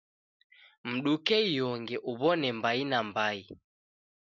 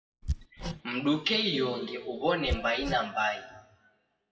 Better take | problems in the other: first | noise reduction (classical method WPE with log-MMSE)

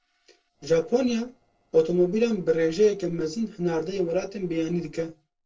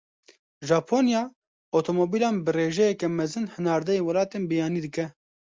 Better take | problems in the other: second | noise reduction (neural separator model SepFormer DNS4)

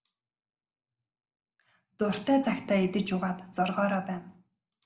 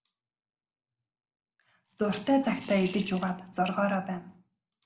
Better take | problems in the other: first | background sound (Coin (dropping) / Glass); 18 dB below the speech

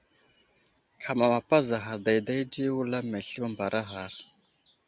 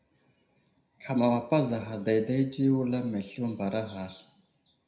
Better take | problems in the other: first | room echo; dies away in 0.5 s

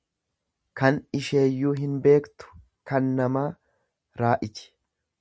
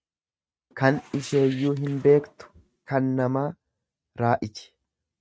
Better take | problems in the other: first | noise reduction (neural mask model RNNoise)

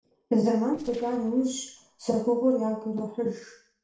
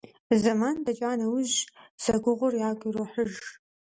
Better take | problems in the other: second | noise reduction (neural separator model SepFormer DNS4)

